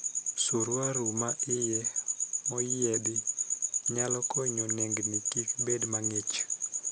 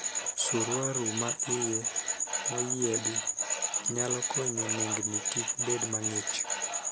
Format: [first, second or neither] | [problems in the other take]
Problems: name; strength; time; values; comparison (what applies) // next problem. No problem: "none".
first | background sound (Tools); 10 dB below the speech